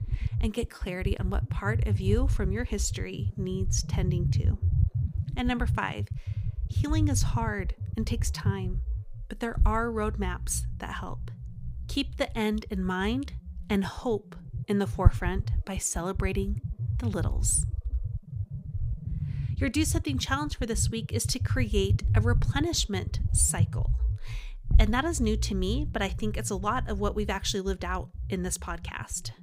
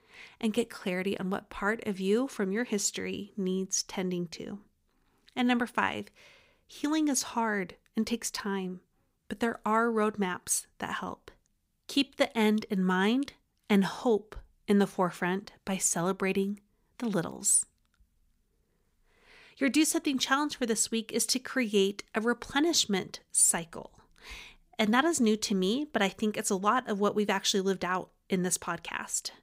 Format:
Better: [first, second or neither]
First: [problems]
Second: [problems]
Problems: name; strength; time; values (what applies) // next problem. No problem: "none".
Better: second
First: low rumble; noticeable; throughout; 15 dB below the speech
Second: none